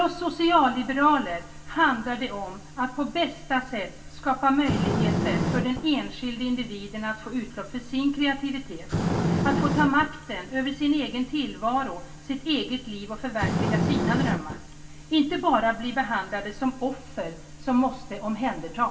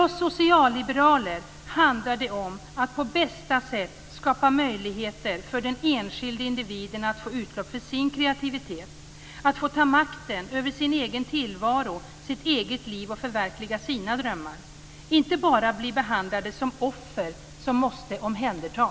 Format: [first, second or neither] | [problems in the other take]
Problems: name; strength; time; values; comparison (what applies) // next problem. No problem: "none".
second | background sound (Fire); 3 dB below the speech // room echo; dies away in 0.3 s